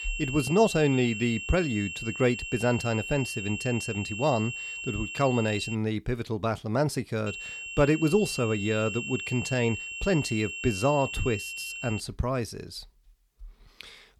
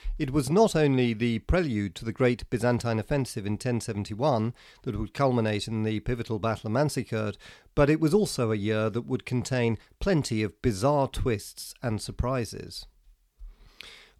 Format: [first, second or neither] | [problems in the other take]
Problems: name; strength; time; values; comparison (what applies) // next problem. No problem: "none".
second | high-pitched whine; loud; until 6 s and from 7.5 to 12 s; 2.5 kHz, 7 dB below the speech